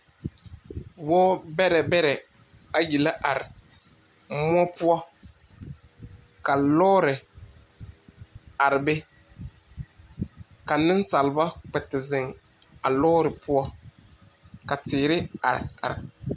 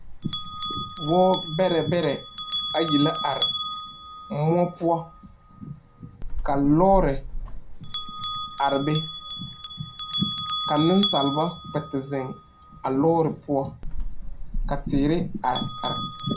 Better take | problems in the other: first | background sound (Bell); 5 dB below the speech // room echo; dies away in 0.2 s

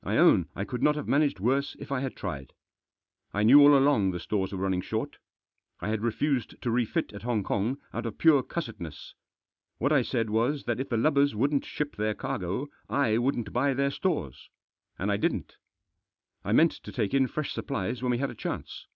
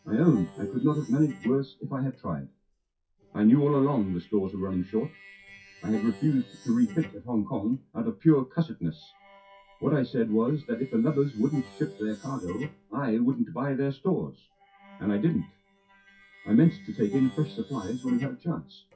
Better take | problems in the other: first | noise reduction (classical method WPE with log-MMSE)

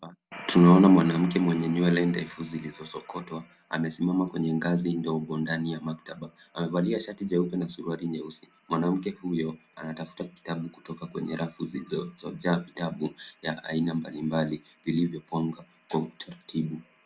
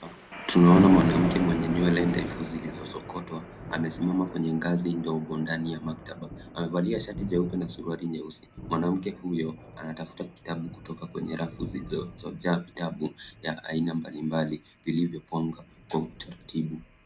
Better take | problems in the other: first | background sound (Thunder); 10 dB below the speech

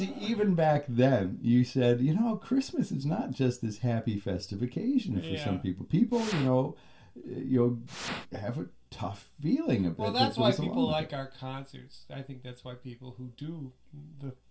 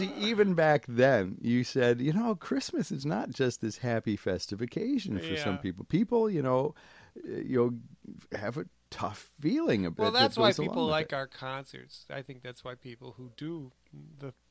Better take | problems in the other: second | background sound (Fire); 9 dB below the speech // room echo; dies away in 0.2 s

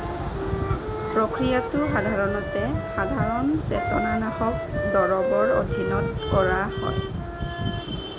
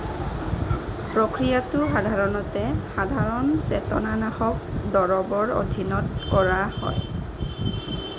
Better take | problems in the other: second | background sound (Wind instrument, woodwind instrument); 5 dB below the speech

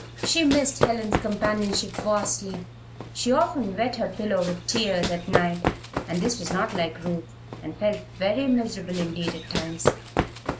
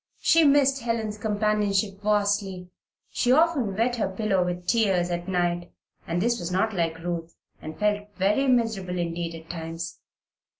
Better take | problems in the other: second | background sound (Run); 4 dB below the speech

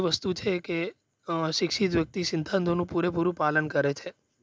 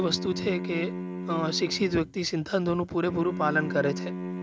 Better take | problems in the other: first | background sound (Bowed string instrument); 7 dB below the speech

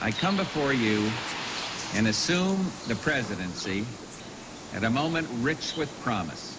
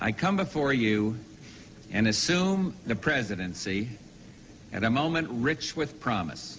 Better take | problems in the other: second | background sound (Bird); 9 dB below the speech

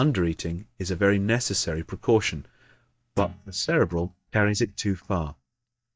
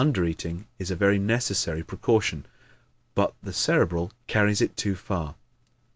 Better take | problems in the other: second | noise reduction (neural mask model DeepFilterNet 3)

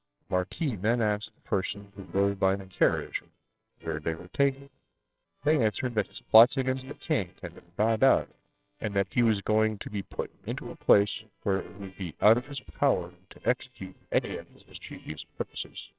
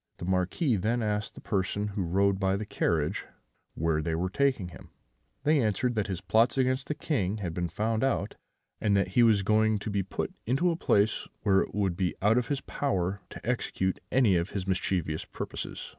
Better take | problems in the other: second | noise reduction (neural separator model SepFormer WHAMR!)

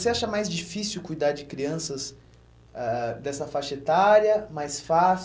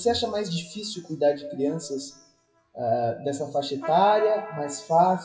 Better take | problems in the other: first | noise reduction (classical method WPE with log-MMSE)

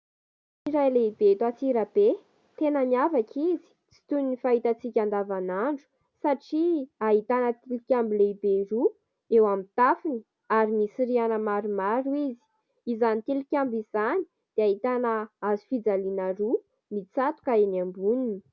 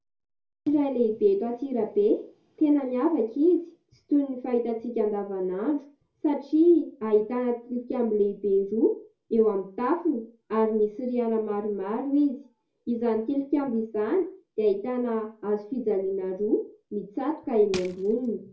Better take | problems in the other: first | background sound (Crushing); 13 dB below the speech // room echo; dies away in 0.3 s

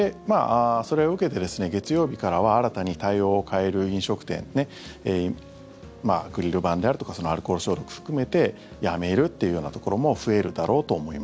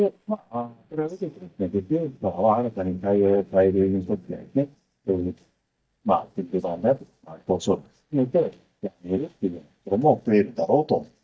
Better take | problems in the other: first | noise reduction (neural mask model DeepFilterNet 3)

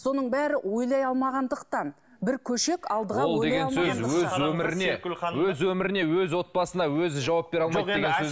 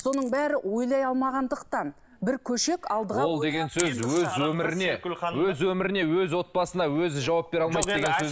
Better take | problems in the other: first | noise reduction (neural mask model Resemble Enhance denoiser)

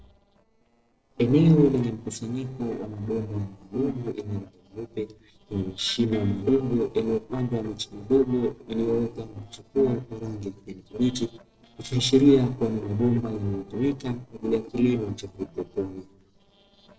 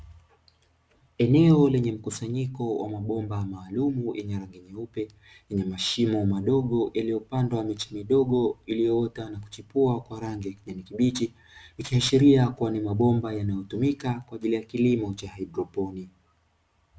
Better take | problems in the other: second | noise reduction (neural separator model SepFormer DNS4)

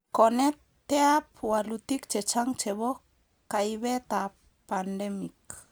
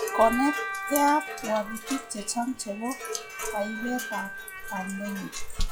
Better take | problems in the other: first | noise reduction (classical method log-MMSE)

